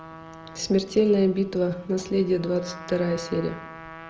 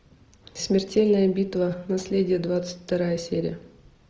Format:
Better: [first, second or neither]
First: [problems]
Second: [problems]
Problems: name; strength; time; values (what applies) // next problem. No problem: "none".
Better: second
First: background sound (Trumpet); 17 dB below the speech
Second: none